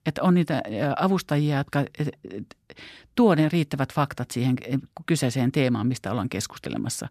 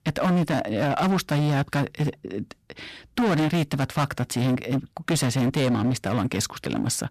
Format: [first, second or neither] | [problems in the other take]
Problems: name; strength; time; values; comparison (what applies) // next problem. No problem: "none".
first | distortion; heavy; 17% of the sound clipped